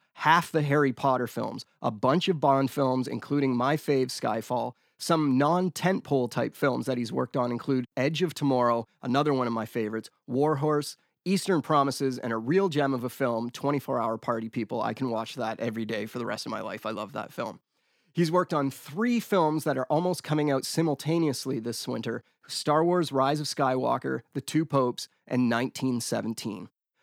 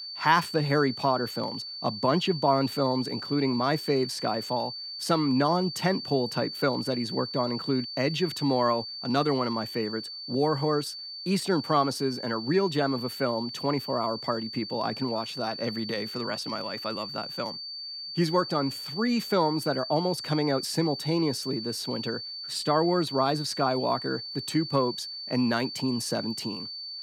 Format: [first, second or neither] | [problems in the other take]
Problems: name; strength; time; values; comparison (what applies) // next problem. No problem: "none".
first | high-pitched whine; loud; throughout; 4.5 kHz, 7 dB below the speech